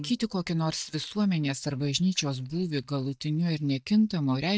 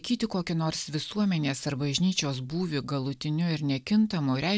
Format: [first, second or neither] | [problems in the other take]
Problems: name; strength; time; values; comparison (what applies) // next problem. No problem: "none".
second | noise reduction (neural mask model DeepFilterNet 3)